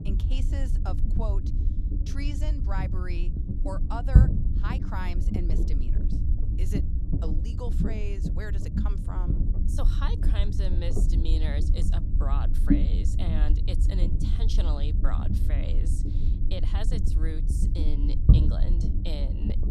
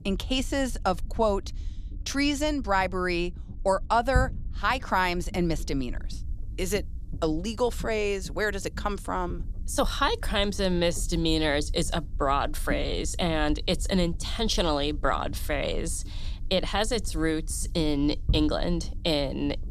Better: second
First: low rumble; loud; throughout; 1 dB below the speech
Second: low rumble; faint; throughout; 25 dB below the speech

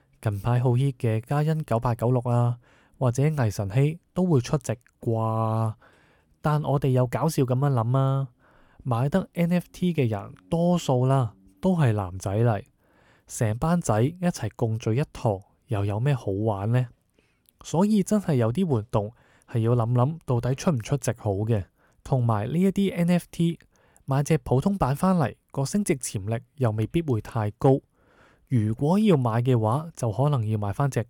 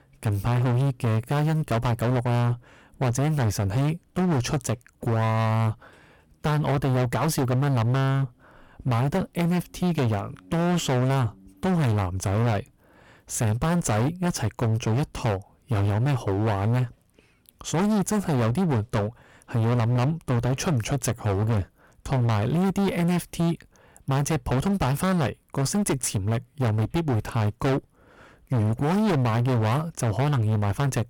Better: first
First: none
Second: distortion; heavy; 31% of the sound clipped

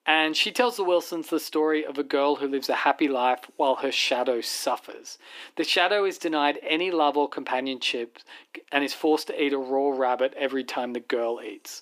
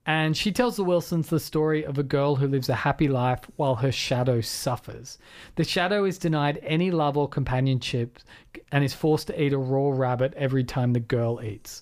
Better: second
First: thin; somewhat; fading below 300 Hz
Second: none

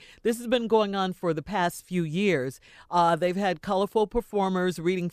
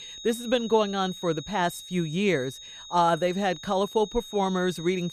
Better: first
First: none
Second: high-pitched whine; noticeable; throughout; 4 kHz, 15 dB below the speech

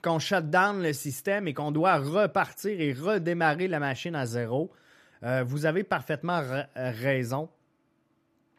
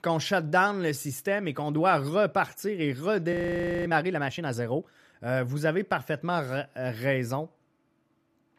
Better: first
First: none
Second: audio freezing; at 3.5 s for 0.5 s

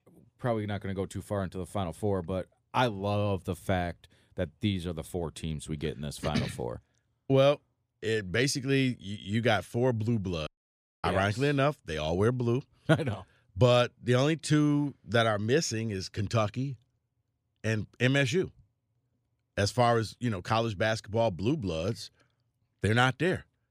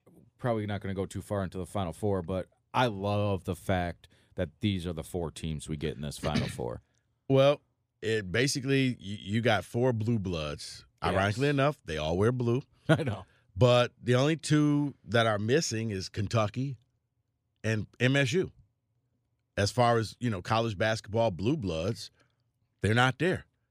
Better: second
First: audio cutting out; at 10 s for 0.5 s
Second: none

